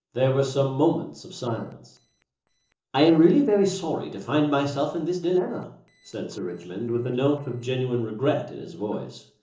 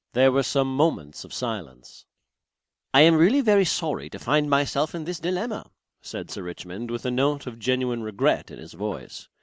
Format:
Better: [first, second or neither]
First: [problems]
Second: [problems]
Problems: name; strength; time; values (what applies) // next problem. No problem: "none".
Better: second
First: noise reduction (neural separator model SepFormer DNS4)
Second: none